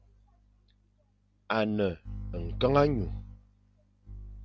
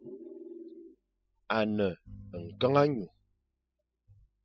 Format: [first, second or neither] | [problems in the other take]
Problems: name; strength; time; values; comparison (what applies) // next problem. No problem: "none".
first | noise reduction (classical method spectral subtraction)